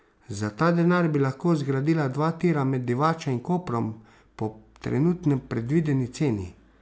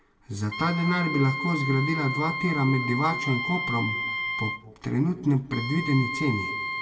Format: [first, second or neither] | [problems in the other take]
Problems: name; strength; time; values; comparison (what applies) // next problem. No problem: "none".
first | background sound (Wind instrument, woodwind instrument); 5 dB below the speech // room echo; dies away in 1.3 s